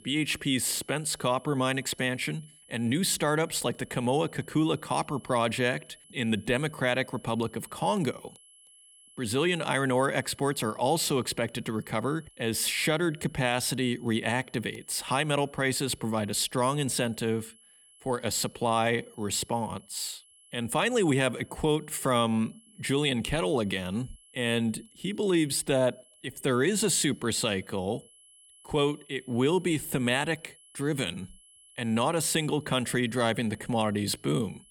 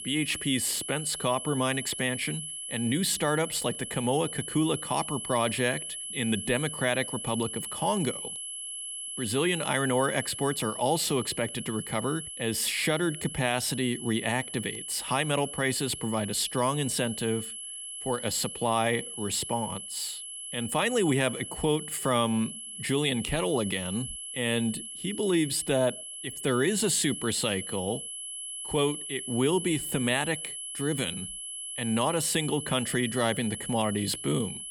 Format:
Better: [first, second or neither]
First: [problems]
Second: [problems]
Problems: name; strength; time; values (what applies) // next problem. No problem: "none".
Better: first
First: high-pitched whine; faint; throughout; 11 kHz, 25 dB below the speech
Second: high-pitched whine; loud; throughout; 11 kHz, 7 dB below the speech